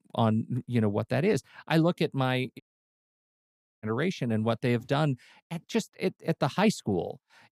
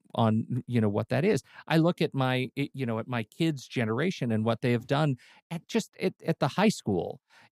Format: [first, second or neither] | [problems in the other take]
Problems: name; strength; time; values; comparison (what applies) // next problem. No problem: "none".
second | audio cutting out; at 2.5 s for 1 s